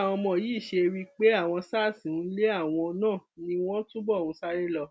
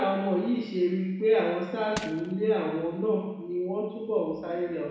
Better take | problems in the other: first | background sound (Crushing); 11 dB below the speech // room echo; dies away in 1.1 s

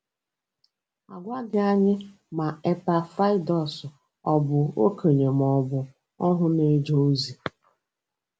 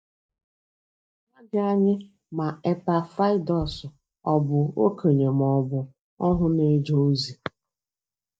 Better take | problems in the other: first | noise reduction (neural mask model DeepFilterNet 3)

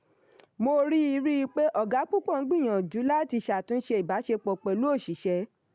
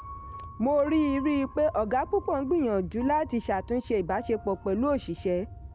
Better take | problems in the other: first | background sound (Wind + Piano); 15 dB below the speech

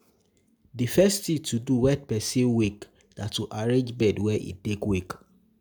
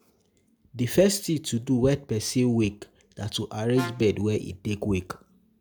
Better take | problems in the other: first | background sound (Brass instrument); 16 dB below the speech

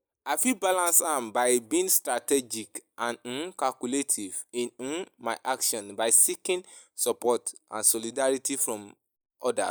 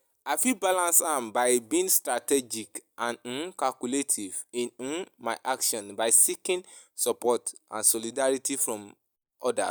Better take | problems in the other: second | noise reduction (neural mask model Resemble Enhance denoiser)

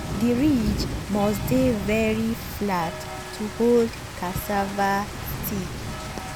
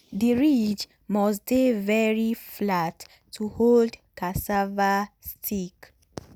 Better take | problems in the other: second | background sound (Rain); 6 dB below the speech

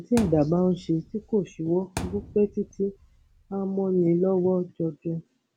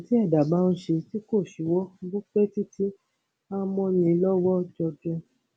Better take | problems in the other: second | background sound (Thump, thud); 14 dB below the speech

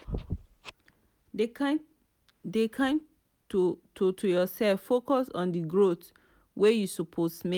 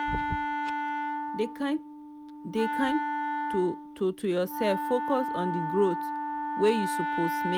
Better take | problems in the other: first | background sound (Wind instrument, woodwind instrument); 2 dB below the speech

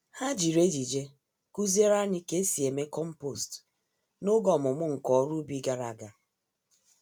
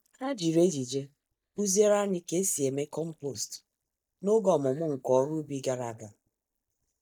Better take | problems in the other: first | noise reduction (neural mask model DeepFilterNet 3)

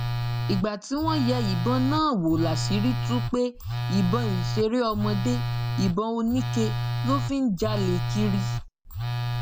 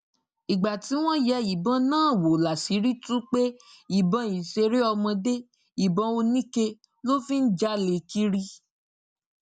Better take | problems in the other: second | background sound (Telephone); 2 dB below the speech

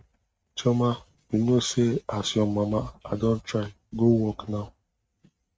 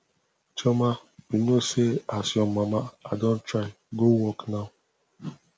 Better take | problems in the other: second | noise reduction (neural mask model RNNoise)

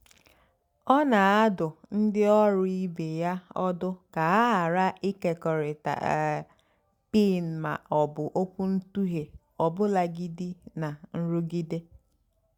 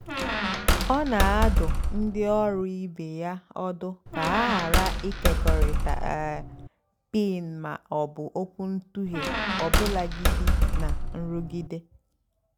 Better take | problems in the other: first | background sound (Squeak); 5 dB above the speech

